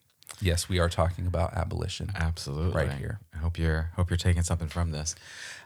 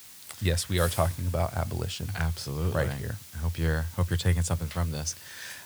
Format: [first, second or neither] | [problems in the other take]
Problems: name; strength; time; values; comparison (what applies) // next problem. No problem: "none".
first | hiss; noticeable; throughout; 15 dB below the speech